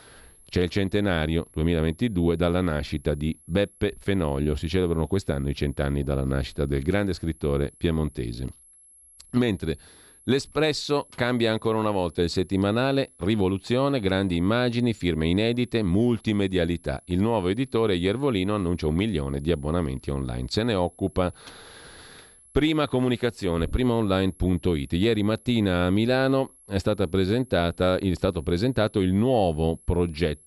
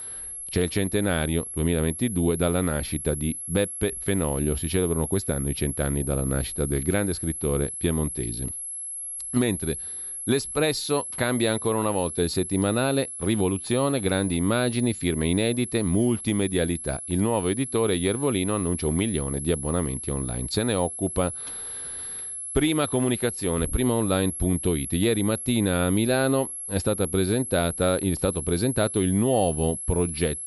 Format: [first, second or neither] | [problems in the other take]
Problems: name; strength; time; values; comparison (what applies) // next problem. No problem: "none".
first | high-pitched whine; loud; throughout; 11 kHz, 6 dB below the speech; faint in the first